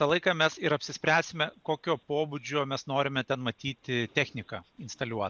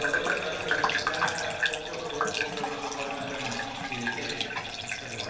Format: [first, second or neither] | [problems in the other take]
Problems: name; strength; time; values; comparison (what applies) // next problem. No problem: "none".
first | background sound (Bathtub (filling or washing) / Gurgling); 3 dB above the speech // room echo; dies away in 1.9 s